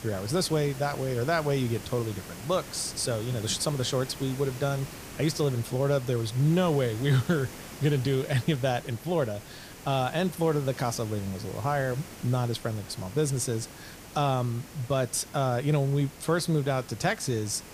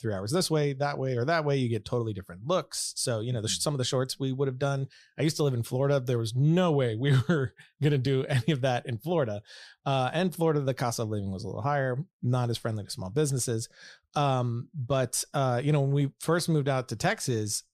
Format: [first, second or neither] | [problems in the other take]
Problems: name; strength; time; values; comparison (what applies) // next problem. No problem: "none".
second | hiss; noticeable; throughout; 15 dB below the speech